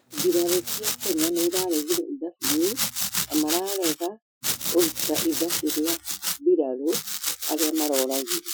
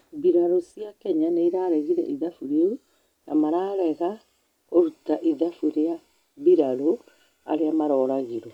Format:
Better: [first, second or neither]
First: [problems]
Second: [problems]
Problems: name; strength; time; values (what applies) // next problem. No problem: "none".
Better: second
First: noise reduction (classical method Wiener filter)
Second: none